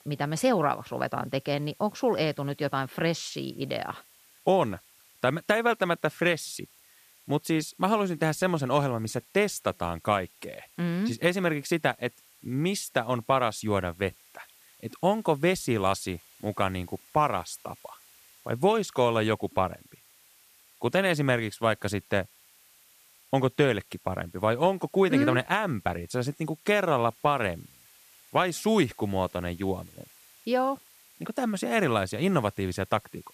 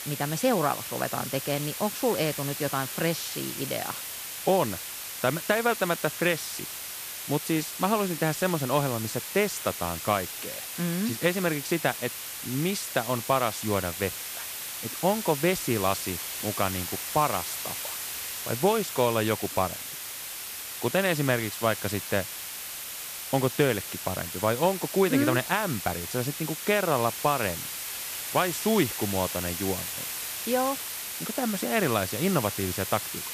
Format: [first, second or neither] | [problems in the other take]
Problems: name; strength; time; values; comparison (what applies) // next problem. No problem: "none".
first | hiss; loud; throughout; 5 dB below the speech; faint in the first